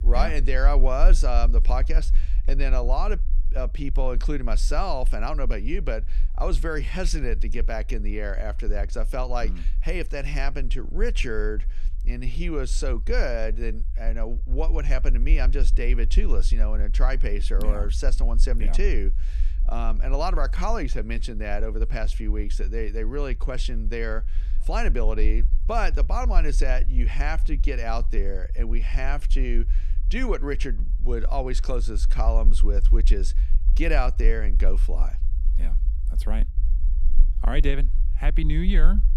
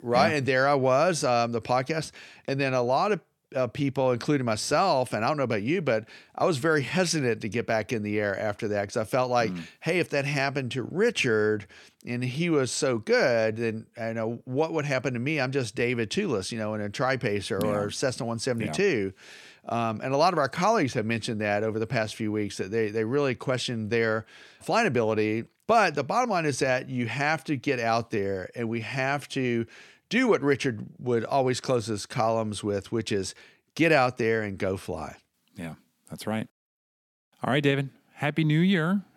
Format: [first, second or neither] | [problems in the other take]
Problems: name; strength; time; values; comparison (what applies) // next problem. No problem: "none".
second | low rumble; faint; throughout; 20 dB below the speech